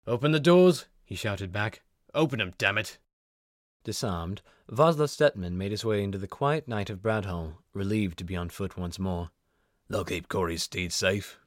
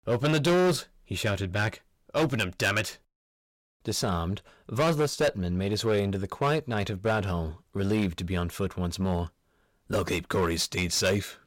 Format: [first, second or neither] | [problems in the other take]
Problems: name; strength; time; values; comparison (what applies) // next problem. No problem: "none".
first | distortion; heavy; 10% of the sound clipped